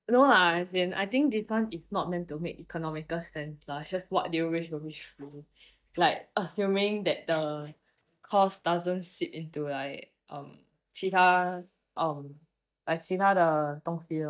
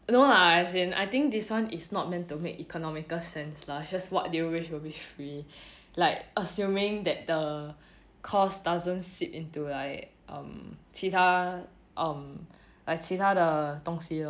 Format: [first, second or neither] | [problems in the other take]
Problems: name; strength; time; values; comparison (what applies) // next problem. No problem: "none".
second | noise reduction (neural mask model DeepFilterNet 3)